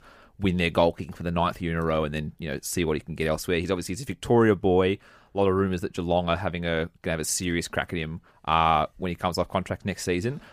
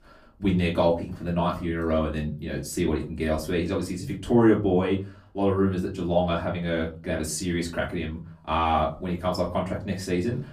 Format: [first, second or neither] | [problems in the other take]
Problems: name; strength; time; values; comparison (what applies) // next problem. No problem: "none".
first | off-mic speech; far // room echo; very slight; dies away in 0.3 s